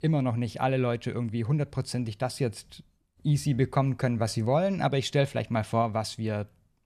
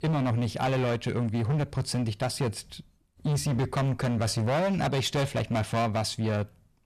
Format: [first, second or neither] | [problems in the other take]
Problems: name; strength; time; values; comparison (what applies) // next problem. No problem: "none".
first | distortion; heavy; 24% of the sound clipped